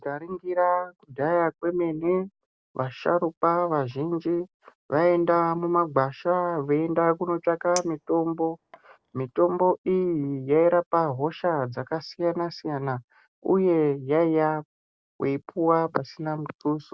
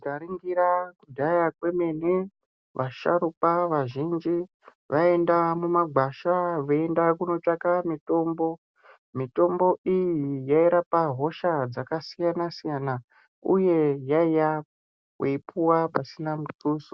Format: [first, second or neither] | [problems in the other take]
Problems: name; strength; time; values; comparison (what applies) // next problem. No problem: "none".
second | background sound (Chink, clink); 20 dB below the speech